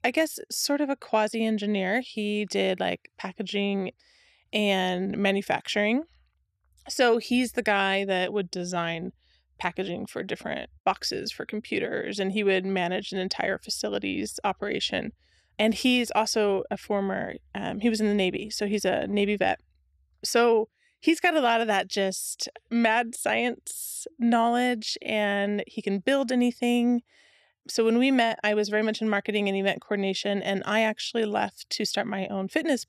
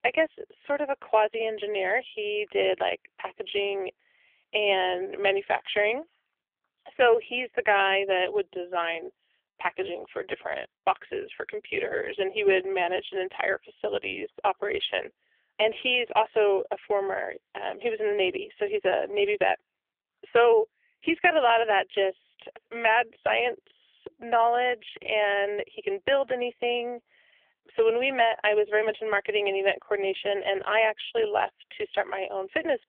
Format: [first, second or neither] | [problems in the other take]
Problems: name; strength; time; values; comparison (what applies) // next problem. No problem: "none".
first | phone-call audio; poor line; nothing above 3.5 kHz